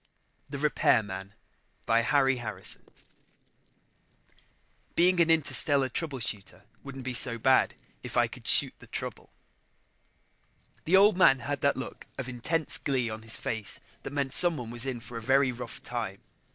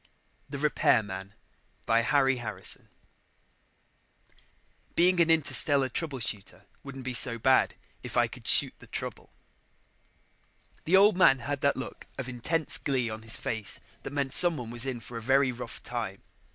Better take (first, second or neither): second